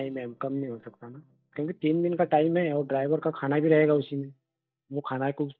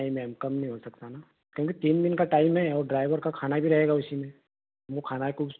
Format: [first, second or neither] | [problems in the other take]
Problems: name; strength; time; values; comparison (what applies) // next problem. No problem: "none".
second | noise reduction (neural mask model DeepFilterNet 3)